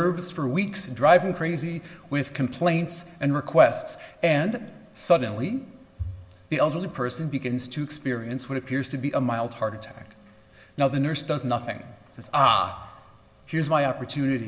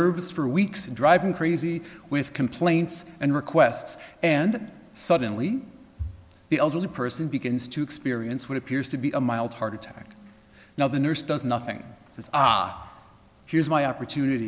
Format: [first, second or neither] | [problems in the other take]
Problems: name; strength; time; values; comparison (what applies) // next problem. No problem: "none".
second | room echo; dies away in 0.6 s